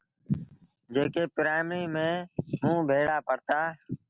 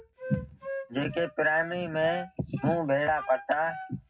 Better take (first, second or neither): first